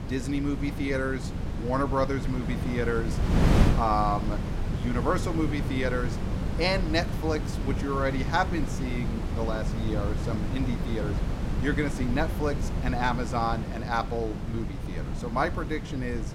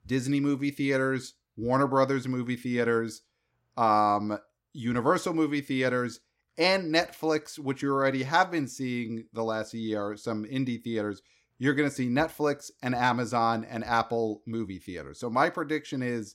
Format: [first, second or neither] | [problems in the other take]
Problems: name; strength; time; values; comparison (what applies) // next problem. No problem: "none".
second | wind noise on the microphone; heavy; 7 dB below the speech